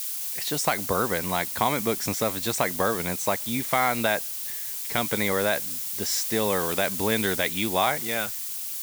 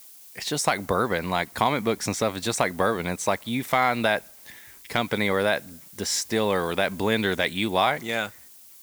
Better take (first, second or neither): second